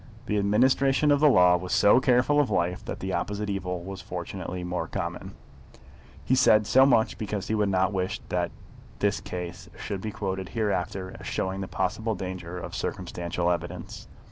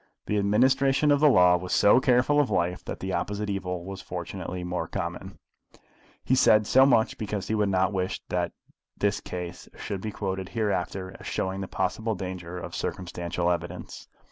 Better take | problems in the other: second | background sound (Wind); 17 dB below the speech

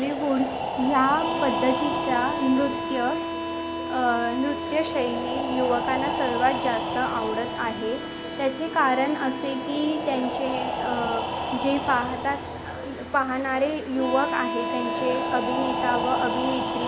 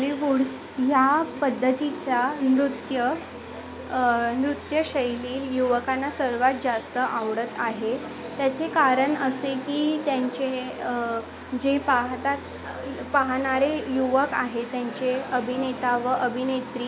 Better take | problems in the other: second | background sound (Breathing + Harmonica); 3 dB below the speech

